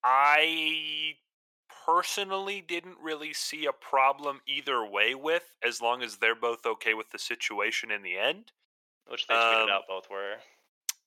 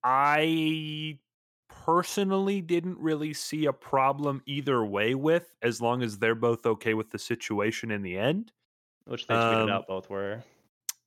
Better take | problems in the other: second | thin; very; fading below 700 Hz

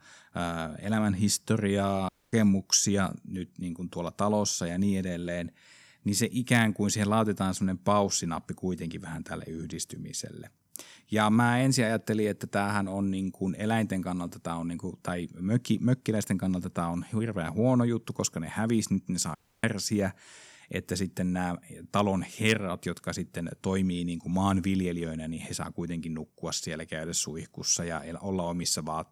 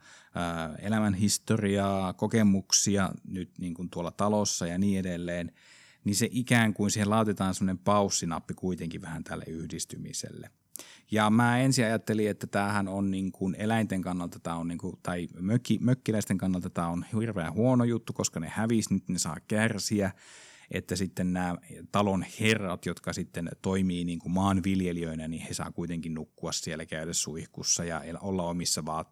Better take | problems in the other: second | audio cutting out; at 2 s and at 19 s

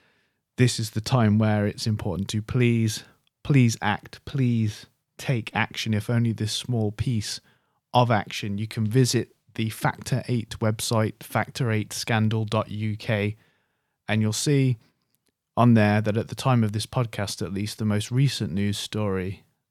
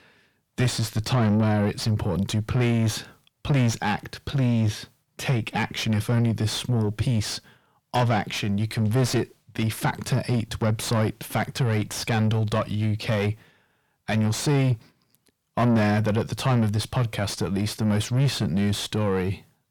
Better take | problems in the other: first | distortion; heavy; 6 dB below the speech

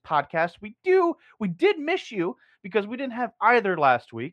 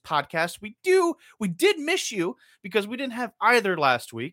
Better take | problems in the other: second | muffled; very; fading above 2.5 kHz

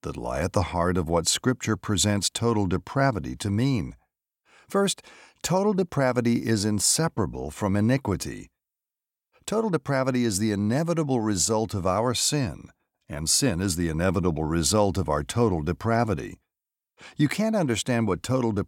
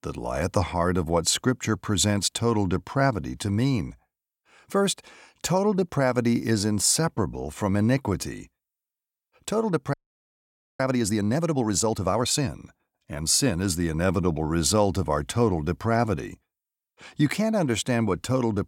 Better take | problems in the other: first | audio freezing; at 10 s for 1 s

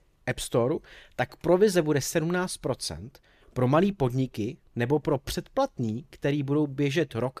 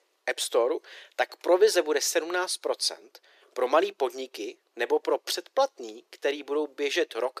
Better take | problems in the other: first | thin; very; fading below 350 Hz

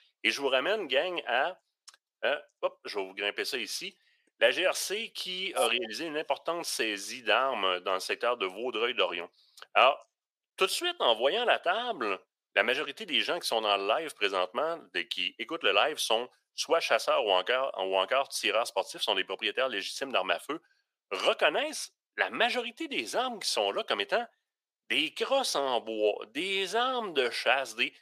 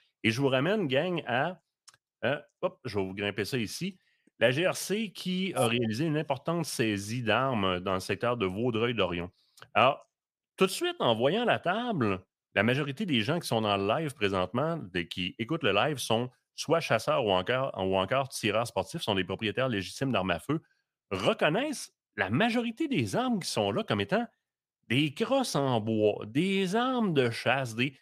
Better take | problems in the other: second | thin; very; fading below 400 Hz

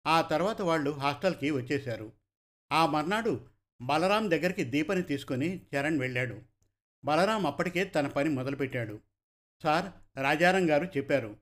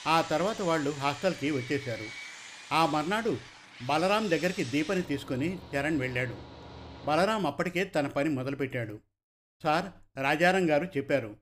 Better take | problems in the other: first | machinery noise; noticeable; until 7.5 s; 15 dB below the speech

